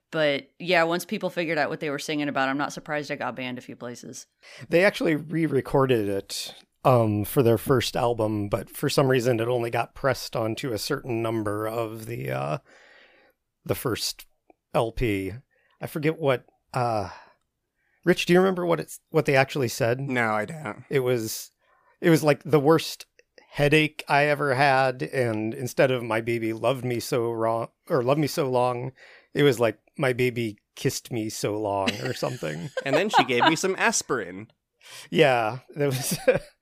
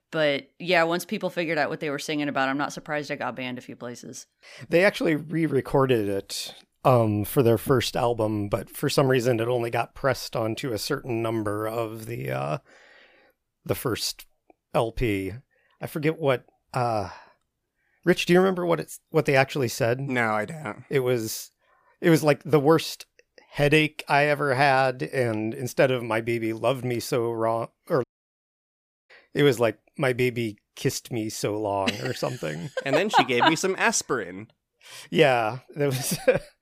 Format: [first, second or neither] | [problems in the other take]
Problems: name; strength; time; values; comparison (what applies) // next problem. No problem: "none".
first | audio cutting out; at 28 s for 1 s